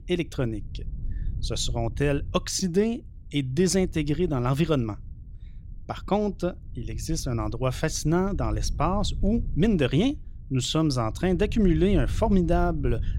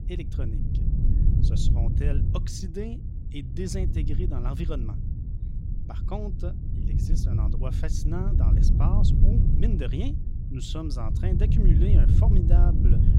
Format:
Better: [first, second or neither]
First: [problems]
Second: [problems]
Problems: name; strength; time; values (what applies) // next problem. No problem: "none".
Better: first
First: low rumble; faint; throughout; 25 dB below the speech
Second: low rumble; loud; throughout; 1 dB below the speech